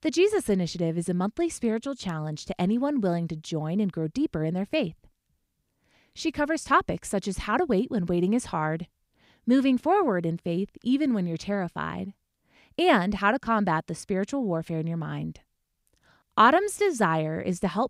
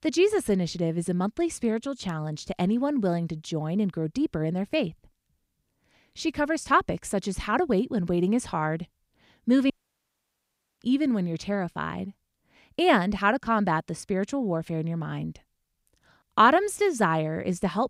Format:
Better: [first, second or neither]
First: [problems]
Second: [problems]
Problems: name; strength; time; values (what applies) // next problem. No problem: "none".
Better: first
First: none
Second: audio cutting out; at 9.5 s for 1 s